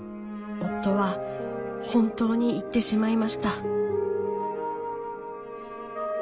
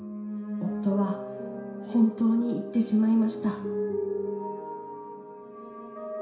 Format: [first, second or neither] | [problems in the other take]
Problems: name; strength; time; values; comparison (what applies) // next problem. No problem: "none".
first | room echo; dies away in 0.7 s